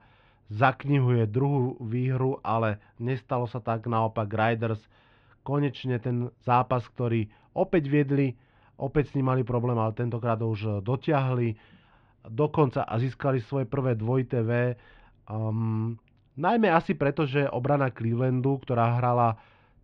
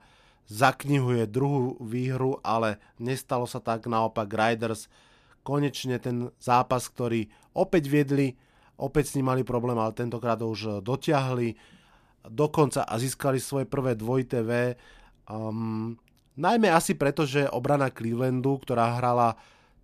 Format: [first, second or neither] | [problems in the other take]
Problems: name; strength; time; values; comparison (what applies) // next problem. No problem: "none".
second | muffled; very; fading above 3 kHz